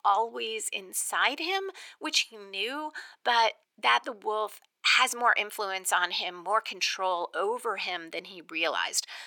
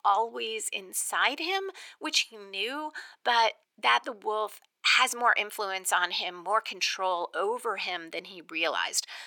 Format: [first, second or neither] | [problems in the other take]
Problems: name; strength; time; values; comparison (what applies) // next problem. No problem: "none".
neither | thin; very; fading below 800 Hz; the same in both